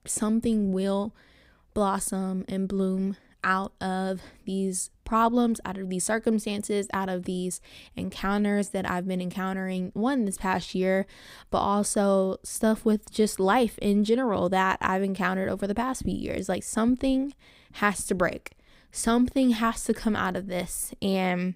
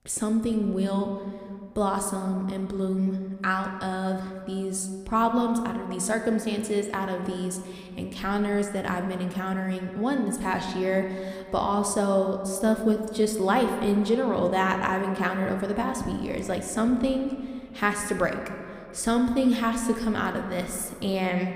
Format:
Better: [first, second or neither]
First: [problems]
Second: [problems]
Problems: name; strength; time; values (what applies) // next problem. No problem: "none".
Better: first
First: none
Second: room echo; slight; dies away in 1.8 s